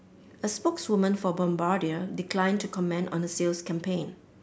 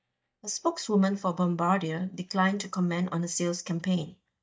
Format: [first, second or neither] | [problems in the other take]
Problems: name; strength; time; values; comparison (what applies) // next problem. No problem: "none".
first | noise reduction (neural mask model DeepFilterNet 3)